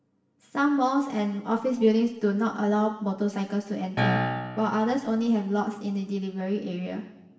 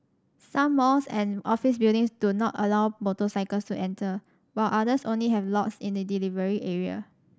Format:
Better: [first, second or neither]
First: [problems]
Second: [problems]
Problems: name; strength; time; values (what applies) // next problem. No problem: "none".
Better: second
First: background sound (Piano); 3 dB below the speech // room echo; dies away in 1.1 s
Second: none